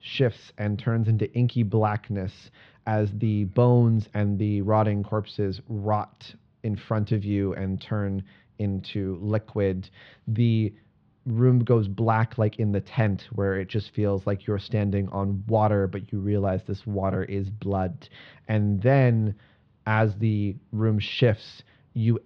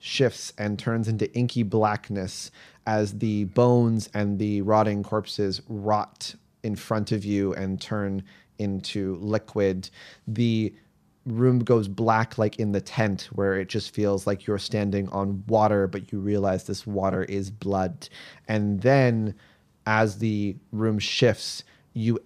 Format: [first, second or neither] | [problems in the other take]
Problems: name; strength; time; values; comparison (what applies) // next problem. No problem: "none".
second | muffled; slightly; fading above 3.5 kHz